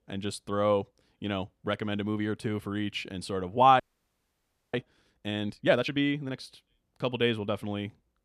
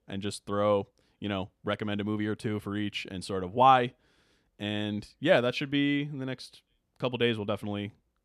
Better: second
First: audio freezing; at 4 s for 1 s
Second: none

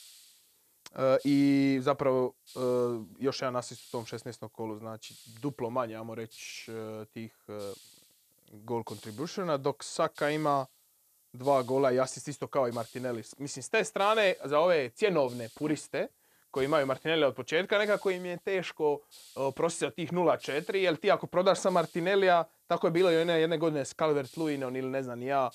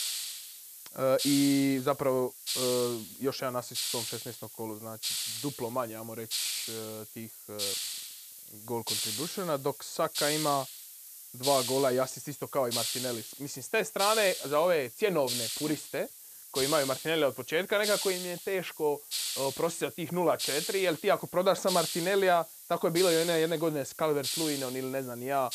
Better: first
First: hiss; faint; throughout; 25 dB below the speech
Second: hiss; loud; throughout; 4 dB below the speech

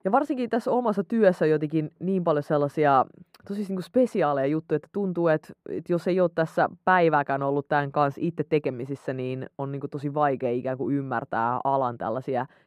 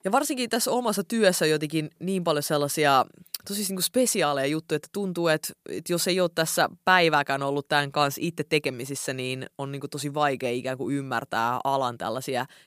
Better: second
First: muffled; very; fading above 3 kHz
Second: none

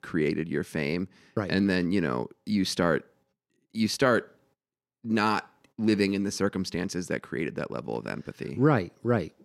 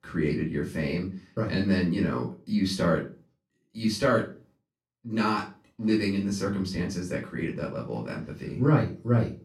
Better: first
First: none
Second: off-mic speech; far // room echo; slight; dies away in 0.3 s

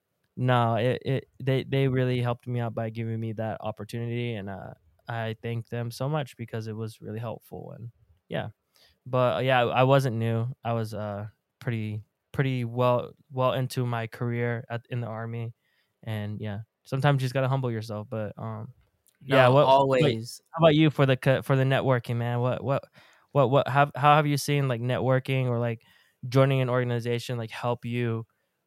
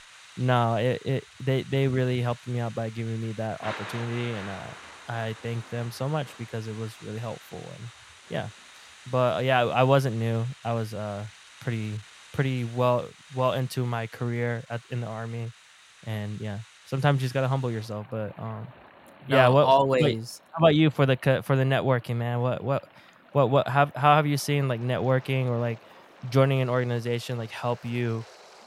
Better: first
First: none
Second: rain or running water; faint; throughout; 20 dB below the speech

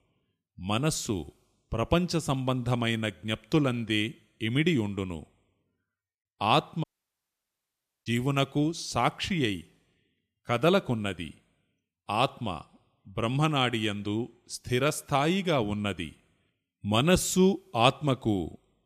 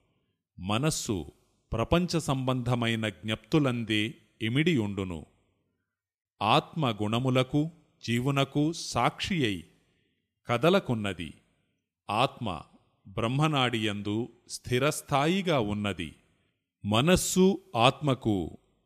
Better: second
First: audio cutting out; at 7 s for 1 s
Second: none

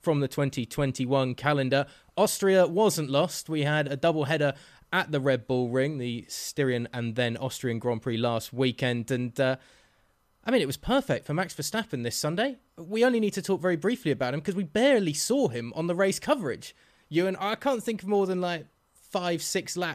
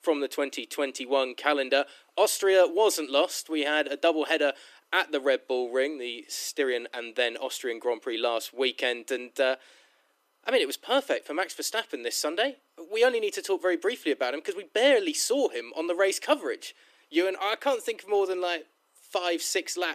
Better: first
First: none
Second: thin; somewhat; fading below 300 Hz

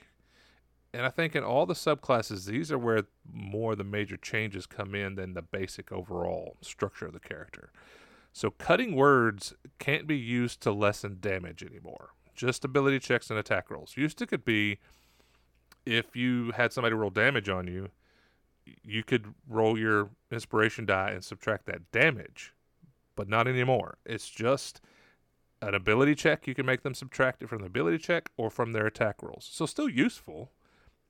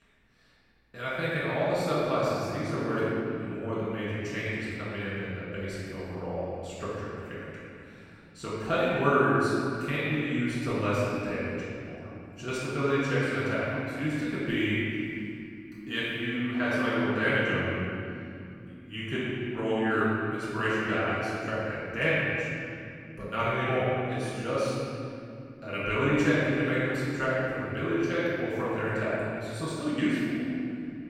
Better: first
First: none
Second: room echo; strong; dies away in 2.7 s // off-mic speech; far

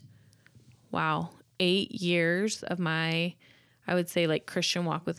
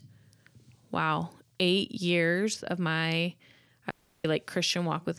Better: first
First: none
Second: audio cutting out; at 4 s

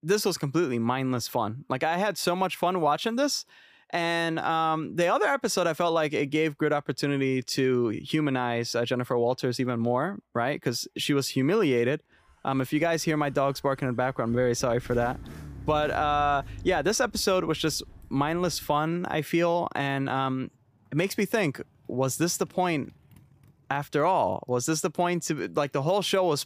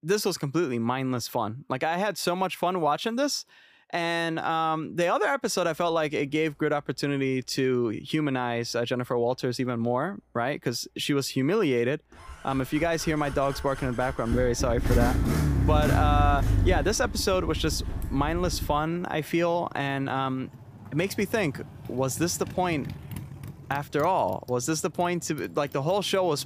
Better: first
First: traffic noise; faint; from 5.5 s on; 20 dB below the speech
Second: traffic noise; loud; from 5.5 s on; 3 dB below the speech

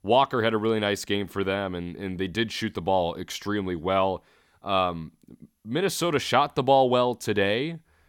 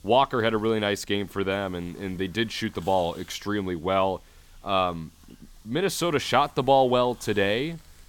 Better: first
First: none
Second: hiss; faint; throughout; 25 dB below the speech

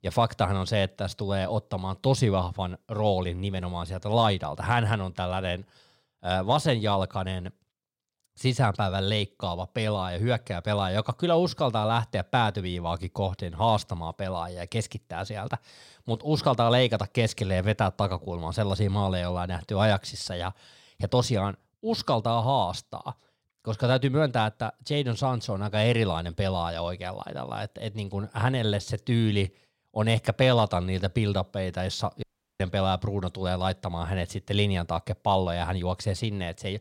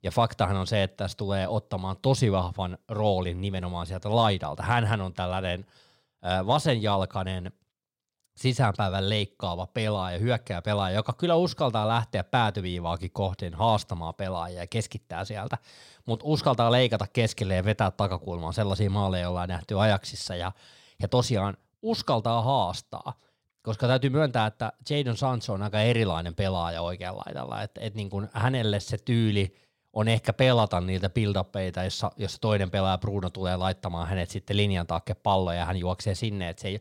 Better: second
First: audio cutting out; at 32 s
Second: none

